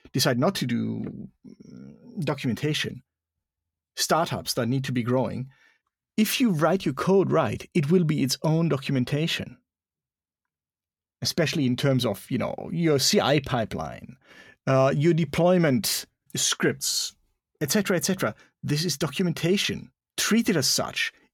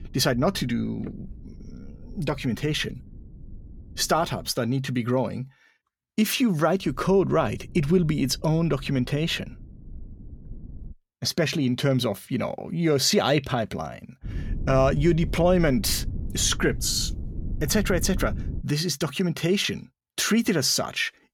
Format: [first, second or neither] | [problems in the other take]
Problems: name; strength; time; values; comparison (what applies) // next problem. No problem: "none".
first | low rumble; faint; until 4.5 s, from 7 to 11 s and from 14 to 19 s; 25 dB below the speech